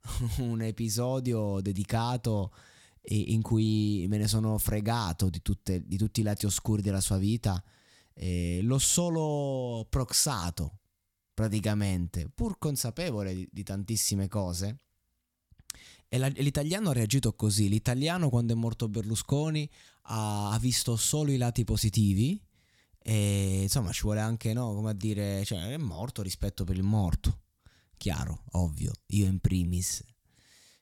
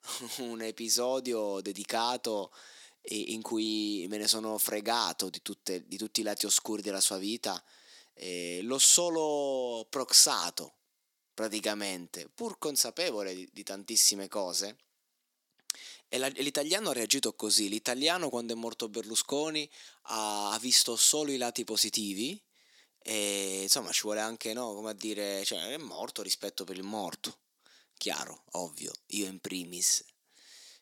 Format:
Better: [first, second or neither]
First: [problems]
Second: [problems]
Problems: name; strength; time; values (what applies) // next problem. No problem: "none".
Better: first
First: none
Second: thin; very; fading below 300 Hz